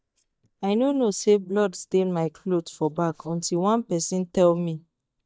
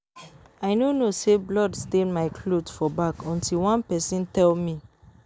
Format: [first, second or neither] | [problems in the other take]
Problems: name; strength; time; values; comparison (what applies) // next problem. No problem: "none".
second | noise reduction (neural mask model DeepFilterNet 3)